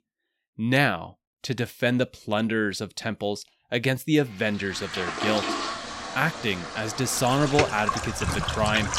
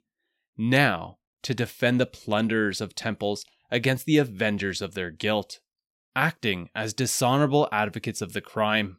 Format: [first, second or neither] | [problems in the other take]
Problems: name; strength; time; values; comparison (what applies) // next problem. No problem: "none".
second | household noises; loud; from 4.5 s on; 4 dB below the speech